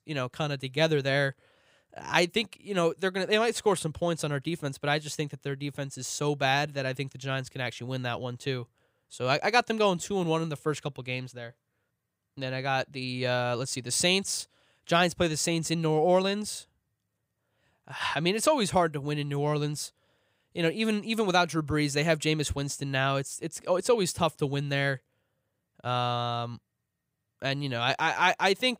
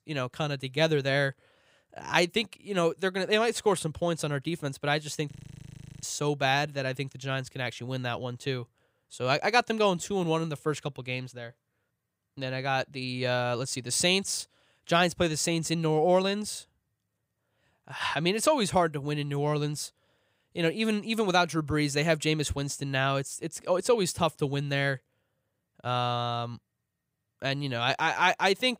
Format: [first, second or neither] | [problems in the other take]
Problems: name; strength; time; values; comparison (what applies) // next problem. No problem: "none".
first | audio freezing; at 5.5 s for 0.5 s